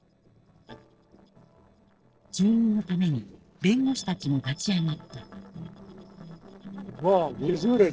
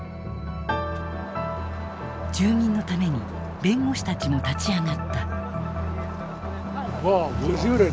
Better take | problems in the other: second | noise reduction (neural separator model SepFormer DNS4)

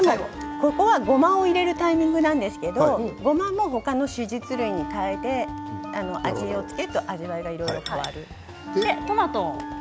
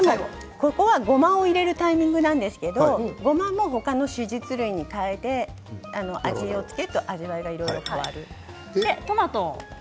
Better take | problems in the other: second | background sound (Wind instrument, woodwind instrument); 12 dB below the speech

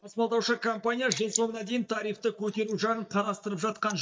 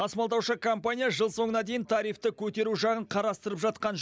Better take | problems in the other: second | noise reduction (neural mask model DeepFilterNet 3)

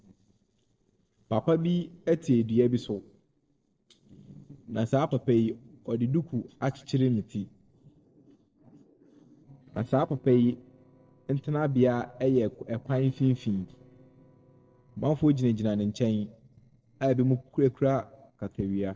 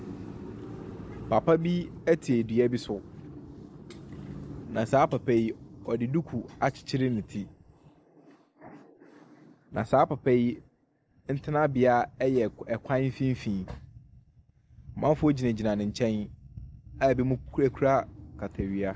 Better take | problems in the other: second | noise reduction (neural separator model SepFormer DNS4)

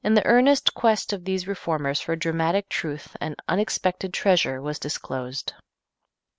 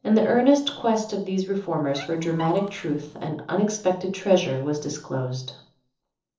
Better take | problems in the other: first | noise reduction (neural separator model SepFormer DNS4)

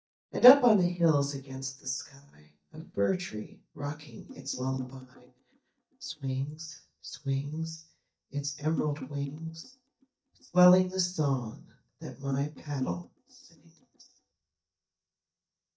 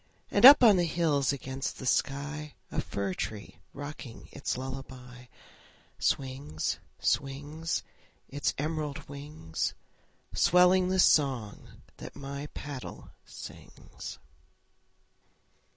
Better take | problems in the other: second | noise reduction (neural mask model DeepFilterNet 3)

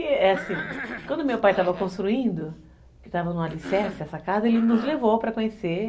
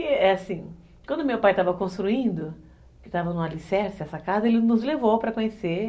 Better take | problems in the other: second | background sound (Cough); 14 dB below the speech

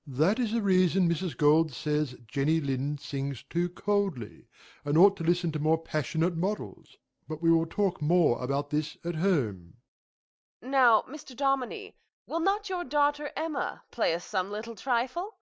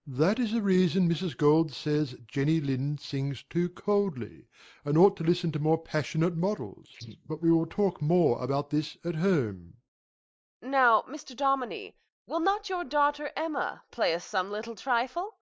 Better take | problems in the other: first | noise reduction (neural mask model Resemble Enhance denoiser)

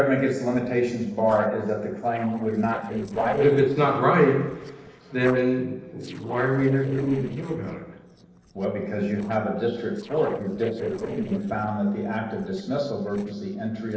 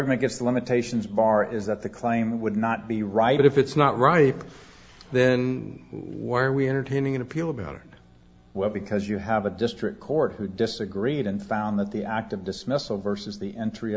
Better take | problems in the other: second | noise reduction (neural separator model SepFormer DNS4)

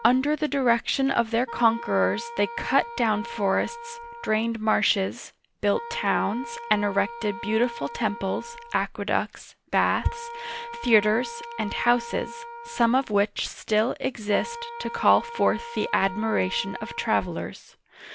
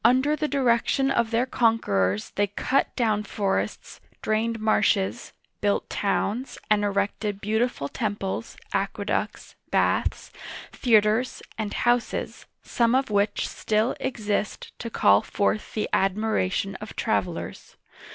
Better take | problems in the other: second | background sound (Wind instrument, woodwind instrument); 13 dB below the speech

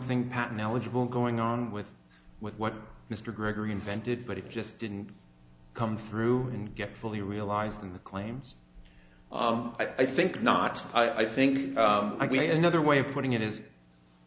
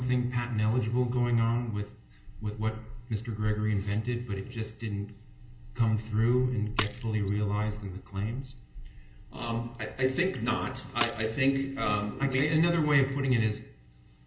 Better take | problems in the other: first | background sound (Shatter); 14 dB below the speech // room echo; dies away in 0.2 s

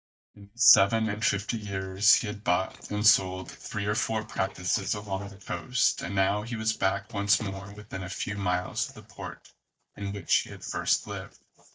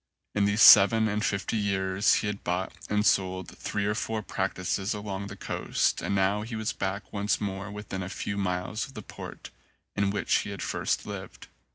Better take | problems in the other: second | noise reduction (neural mask model DeepFilterNet 3)

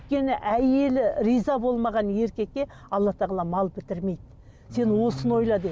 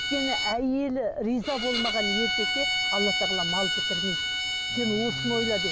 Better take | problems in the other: first | background sound (Bowed string instrument); 1 dB above the speech

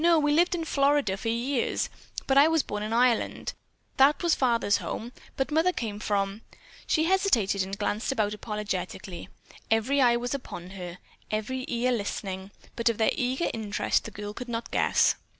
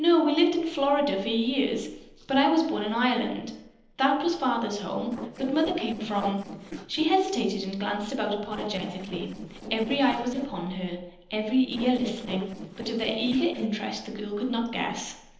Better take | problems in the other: first | noise reduction (neural separator model SepFormer DNS4)

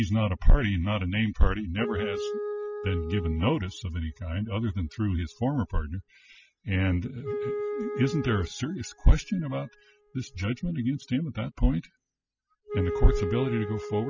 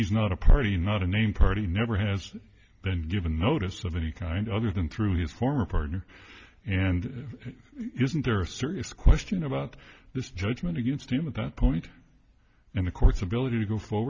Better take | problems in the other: second | noise reduction (classical method spectral subtraction)

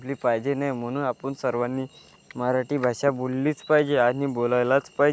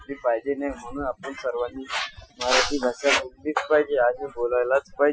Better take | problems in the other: first | noise reduction (classical method Wiener filter)

